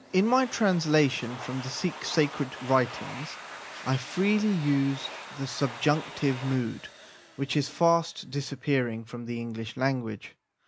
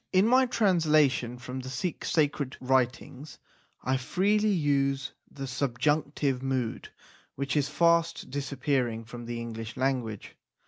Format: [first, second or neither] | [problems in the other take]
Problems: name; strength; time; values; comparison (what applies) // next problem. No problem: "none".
second | background sound (Domestic sounds, home sounds); 15 dB below the speech